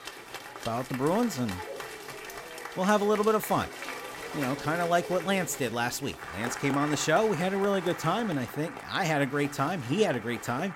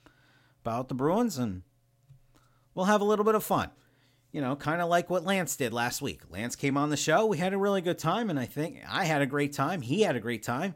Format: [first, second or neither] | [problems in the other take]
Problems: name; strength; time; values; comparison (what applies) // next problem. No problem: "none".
second | crowd noise; noticeable; throughout; 10 dB below the speech